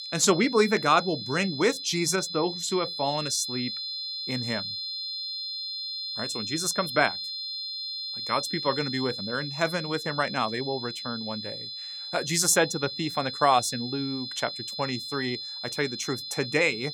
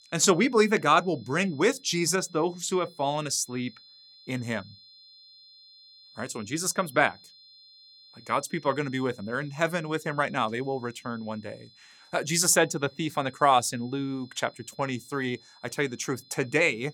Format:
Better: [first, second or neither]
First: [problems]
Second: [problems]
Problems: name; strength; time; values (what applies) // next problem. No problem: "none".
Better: second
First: high-pitched whine; loud; throughout; 4 kHz, 6 dB below the speech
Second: high-pitched whine; faint; throughout; 4 kHz, 25 dB below the speech